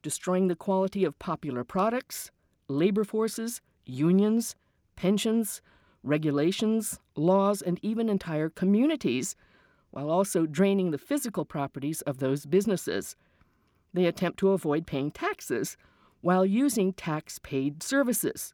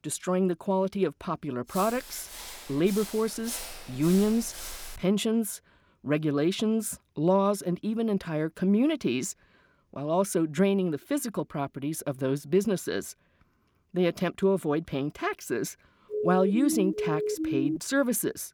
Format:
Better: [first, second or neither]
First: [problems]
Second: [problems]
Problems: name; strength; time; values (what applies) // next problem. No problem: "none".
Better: first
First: none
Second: footsteps; noticeable; from 1.5 to 5 s; peak 8 dB below the speech // siren; noticeable; from 16 to 18 s; peak 2 dB below the speech